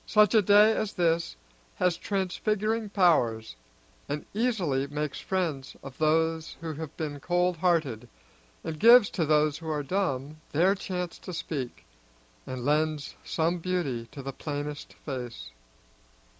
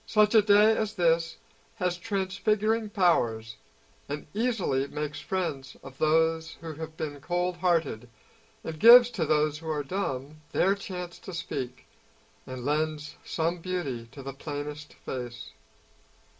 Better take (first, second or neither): first